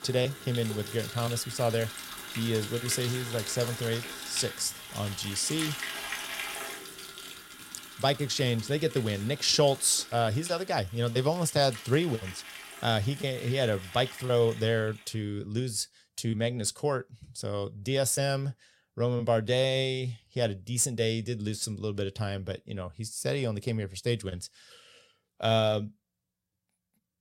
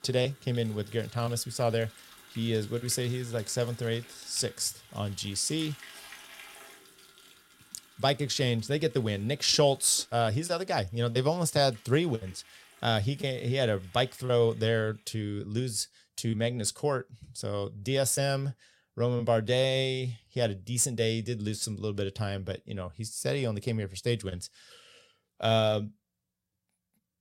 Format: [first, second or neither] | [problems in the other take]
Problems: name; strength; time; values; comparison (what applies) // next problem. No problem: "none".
second | household noises; loud; until 15 s; 10 dB below the speech; faint in the second